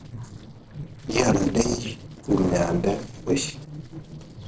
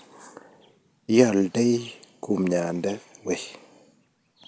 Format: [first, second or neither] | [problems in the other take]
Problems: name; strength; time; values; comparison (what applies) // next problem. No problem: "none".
second | noise reduction (neural separator model SepFormer DNS4)